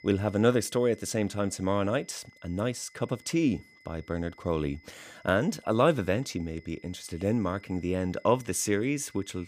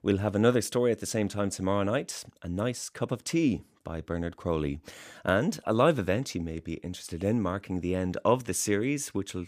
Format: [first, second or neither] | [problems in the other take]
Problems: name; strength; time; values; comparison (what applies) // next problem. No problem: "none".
second | high-pitched whine; faint; throughout; 2 kHz, 25 dB below the speech